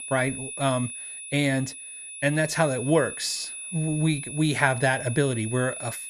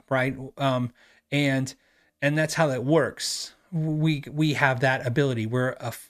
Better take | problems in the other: second | high-pitched whine; loud; throughout; 10 kHz, 9 dB below the speech

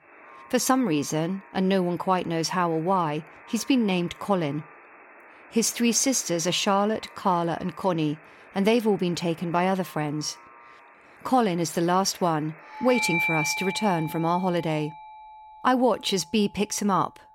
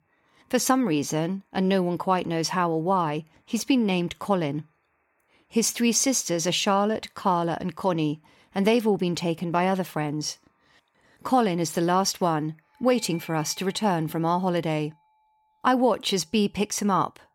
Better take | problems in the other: second | alarms or sirens; loud; throughout; 9 dB below the speech; faint in the second

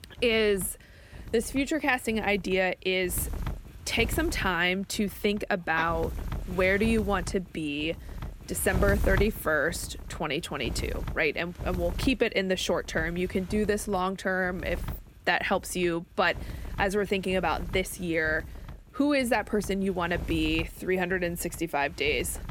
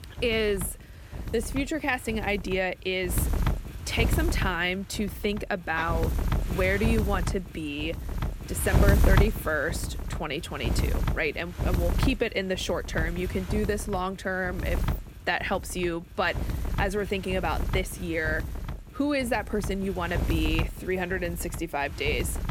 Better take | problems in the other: first | wind noise on the microphone; heavy; 10 dB below the speech; occasional gusts in the first

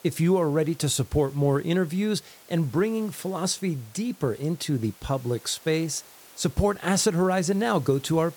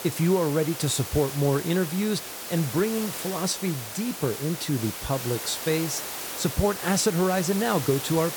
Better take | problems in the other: first | hiss; loud; throughout; 7 dB below the speech; faint in the first

